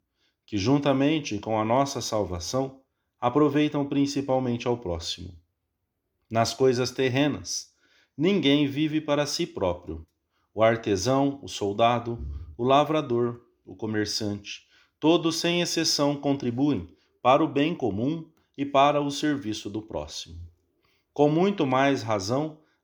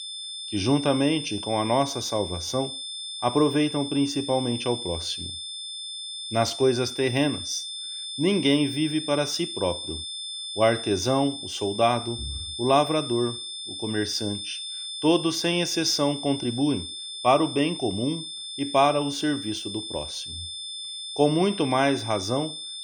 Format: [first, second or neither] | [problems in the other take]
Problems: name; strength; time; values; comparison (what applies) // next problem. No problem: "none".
first | high-pitched whine; loud; throughout; 3.5 kHz, 7 dB below the speech